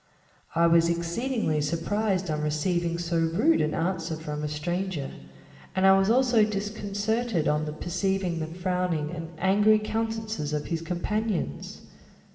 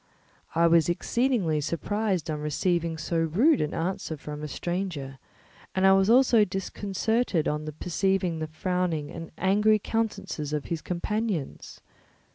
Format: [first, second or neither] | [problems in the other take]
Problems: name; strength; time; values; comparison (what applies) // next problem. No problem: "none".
second | room echo; dies away in 1.7 s